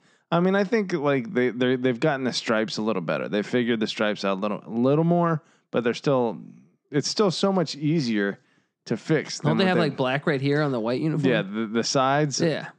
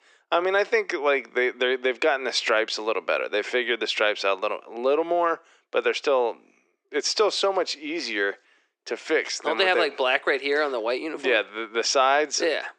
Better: first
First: none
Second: thin; very; fading below 350 Hz

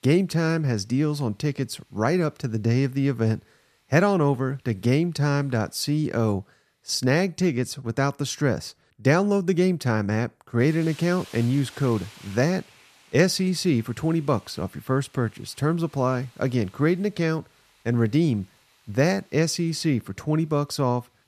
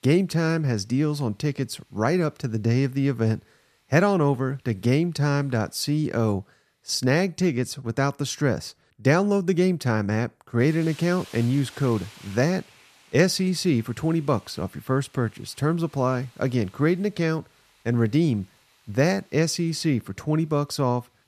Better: neither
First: hiss; faint; throughout; 25 dB below the speech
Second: hiss; faint; throughout; 25 dB below the speech

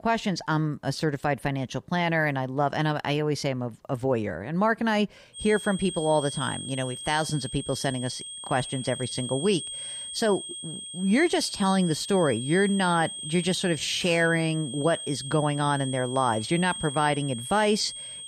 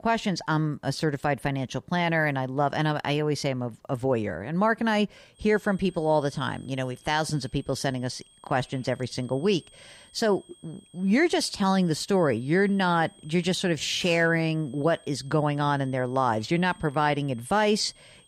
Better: second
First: high-pitched whine; loud; from 5.5 s on; 3.5 kHz, 9 dB below the speech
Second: high-pitched whine; faint; from 5.5 s on; 3.5 kHz, 30 dB below the speech

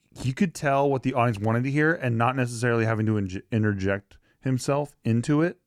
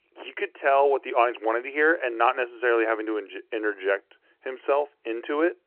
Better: first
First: none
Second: phone-call audio

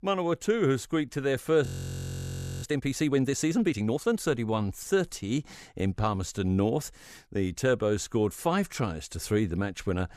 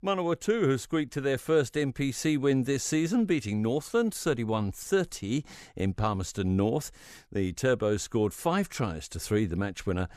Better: second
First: audio freezing; at 1.5 s for 1 s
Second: none

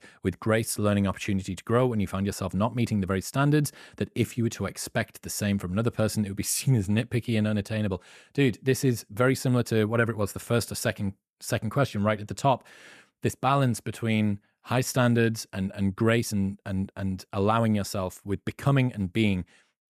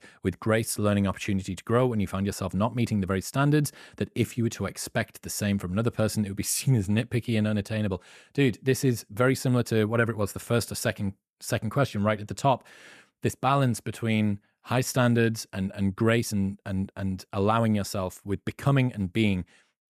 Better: neither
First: none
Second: none

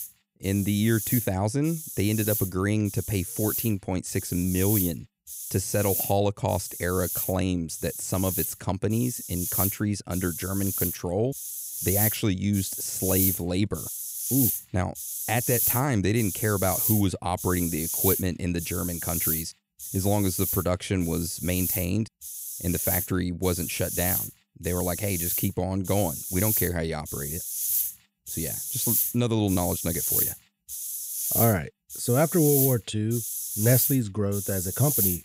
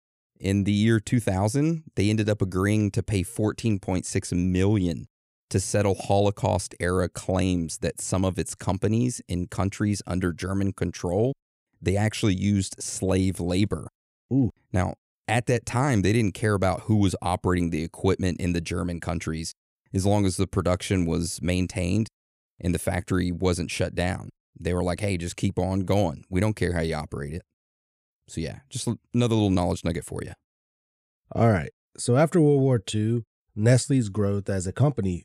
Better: second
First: hiss; loud; throughout; 1 dB below the speech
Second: none

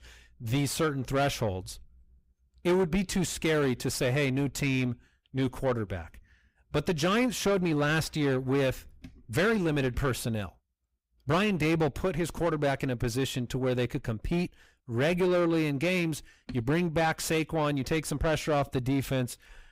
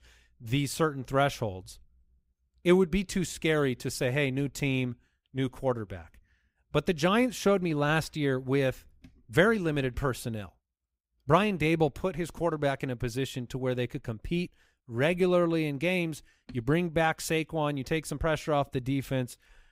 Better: second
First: distortion; heavy; 7 dB below the speech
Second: none

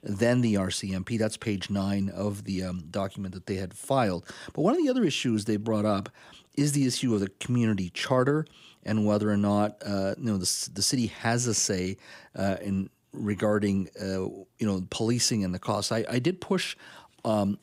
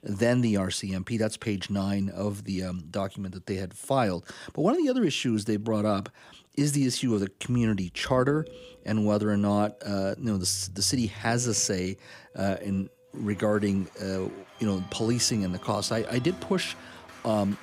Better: first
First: none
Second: background music; noticeable; from 7.5 s on; 20 dB below the speech

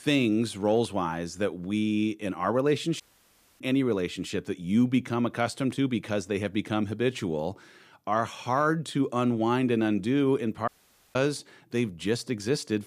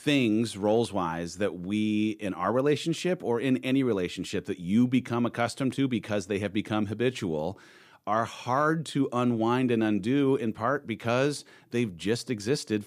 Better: second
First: audio cutting out; at 3 s for 0.5 s and at 11 s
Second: none

